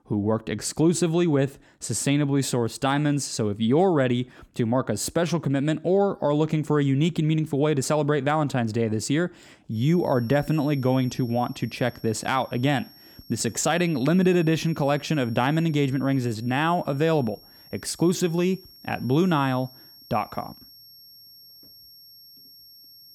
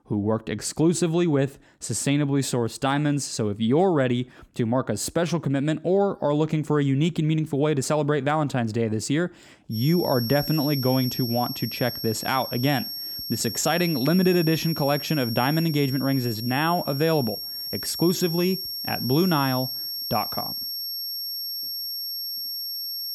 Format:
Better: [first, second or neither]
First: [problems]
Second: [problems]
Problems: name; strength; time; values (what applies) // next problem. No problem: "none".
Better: first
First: high-pitched whine; faint; from 9.5 s on; 5.5 kHz, 25 dB below the speech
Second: high-pitched whine; loud; from 9.5 s on; 5.5 kHz, 6 dB below the speech